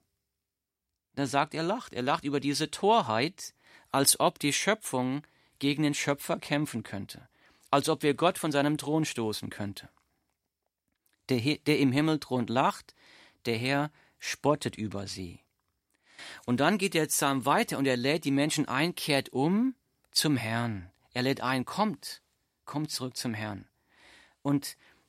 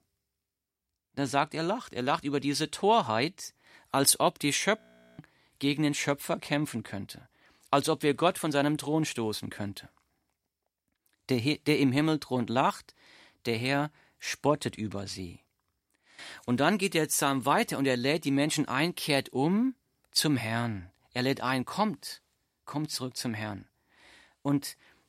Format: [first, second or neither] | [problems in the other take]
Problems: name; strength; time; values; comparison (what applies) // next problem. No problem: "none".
first | audio freezing; at 5 s